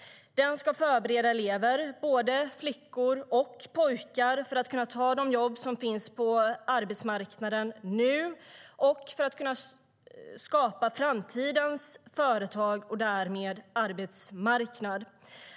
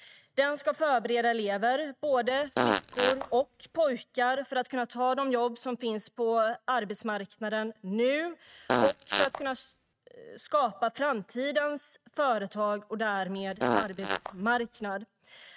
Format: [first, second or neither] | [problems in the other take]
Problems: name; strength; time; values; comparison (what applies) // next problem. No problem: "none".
first | noise reduction (neural mask model RNNoise)